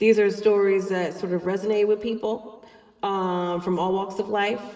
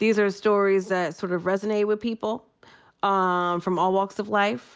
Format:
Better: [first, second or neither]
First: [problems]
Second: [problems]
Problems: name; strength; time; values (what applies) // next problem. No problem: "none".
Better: second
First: room echo; dies away in 1.6 s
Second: none